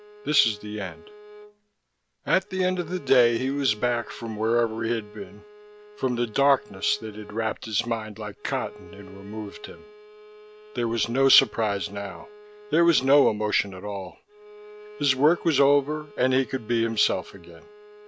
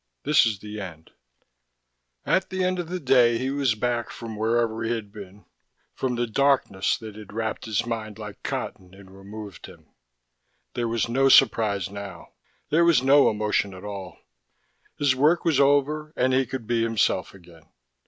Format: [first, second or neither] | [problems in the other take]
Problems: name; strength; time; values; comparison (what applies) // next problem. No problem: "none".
second | background sound (Bowed string instrument); 20 dB below the speech